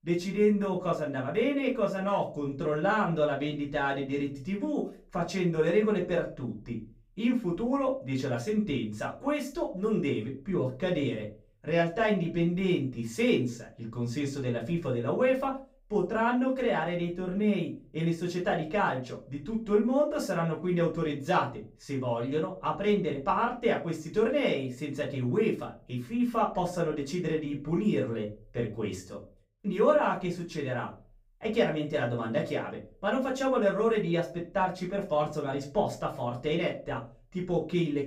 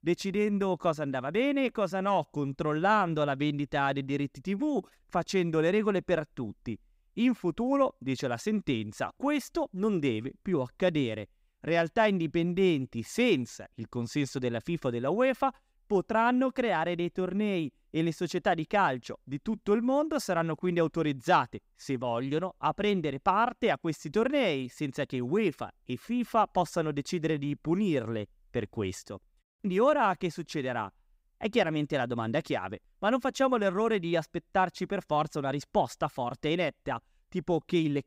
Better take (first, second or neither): second